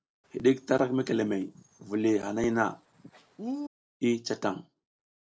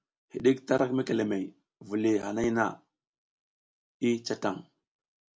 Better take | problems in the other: second | noise reduction (neural separator model SepFormer DNS4)

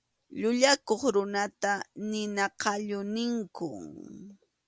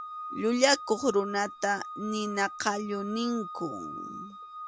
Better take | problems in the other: first | background sound (Organ); 11 dB below the speech

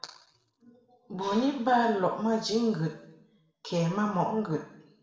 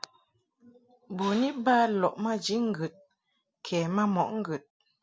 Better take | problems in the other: second | room echo; dies away in 0.7 s

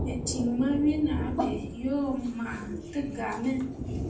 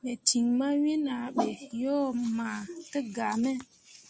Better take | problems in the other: second | background sound (Thunder); 6 dB below the speech // room echo; dies away in 0.6 s

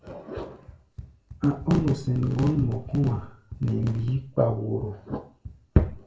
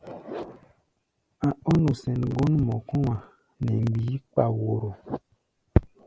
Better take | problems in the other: second | background sound (Run); 20 dB below the speech // room echo; dies away in 0.4 s

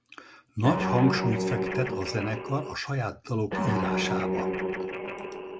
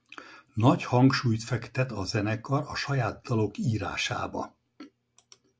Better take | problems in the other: second | background sound (Guitar); as loud as the speech

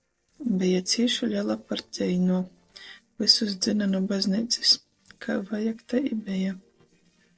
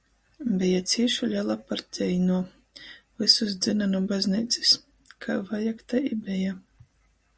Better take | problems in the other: second | noise reduction (neural separator model SepFormer DNS4)

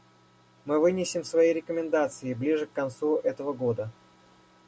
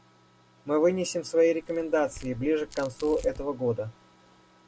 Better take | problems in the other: first | background sound (Tearing); 18 dB below the speech

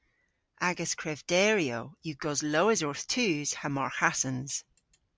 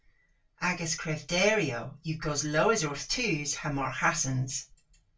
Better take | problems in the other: first | room echo; dies away in 0.2 s

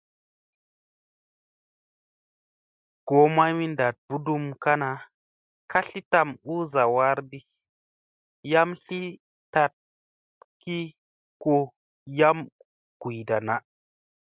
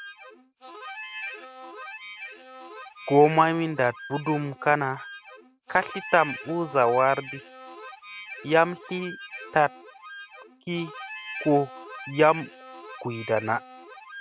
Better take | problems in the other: first | background sound (Harmonica); 15 dB below the speech

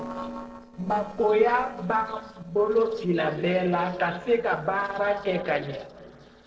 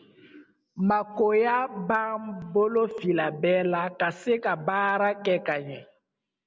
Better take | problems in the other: second | noise reduction (neural separator model SepFormer DNS4)

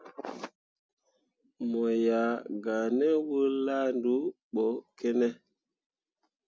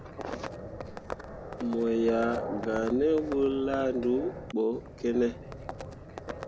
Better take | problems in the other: first | background sound (Livestock, farm animals, working animals); 9 dB below the speech

